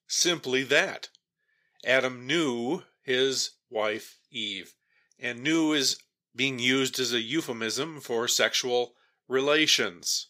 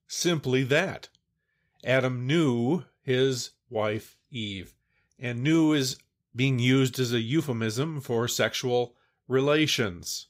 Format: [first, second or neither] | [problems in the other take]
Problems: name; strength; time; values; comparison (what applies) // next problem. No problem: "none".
second | thin; somewhat; fading below 300 Hz